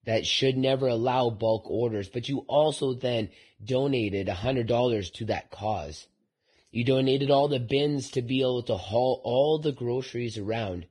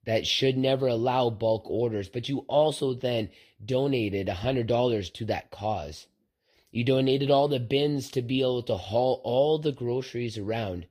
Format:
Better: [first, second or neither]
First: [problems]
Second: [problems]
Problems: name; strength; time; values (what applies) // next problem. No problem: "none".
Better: second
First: garbled, watery; badly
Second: garbled, watery; slightly; nothing above 15.5 kHz